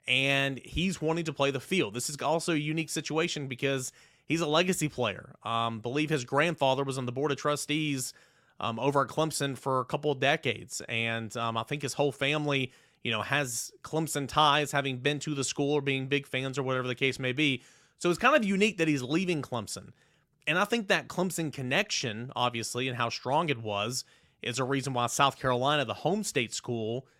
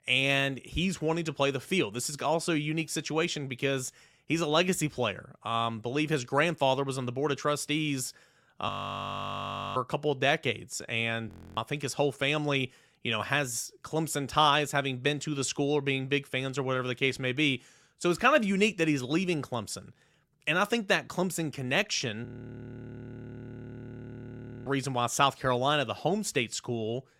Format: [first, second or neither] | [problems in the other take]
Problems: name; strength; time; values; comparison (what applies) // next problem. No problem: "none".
first | audio freezing; at 8.5 s for 1 s, at 11 s and at 22 s for 2.5 s